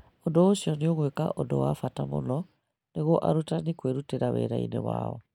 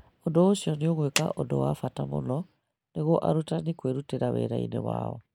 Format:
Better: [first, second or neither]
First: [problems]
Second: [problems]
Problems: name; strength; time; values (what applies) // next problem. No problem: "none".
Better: first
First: none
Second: background sound (Clapping); 9 dB below the speech